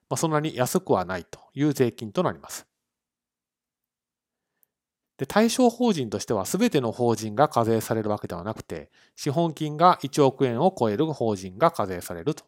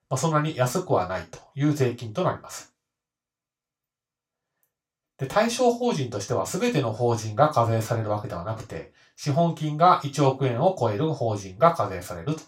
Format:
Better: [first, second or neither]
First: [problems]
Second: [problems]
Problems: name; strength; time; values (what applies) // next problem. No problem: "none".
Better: first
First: none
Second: room echo; very slight; dies away in 0.2 s // off-mic speech; far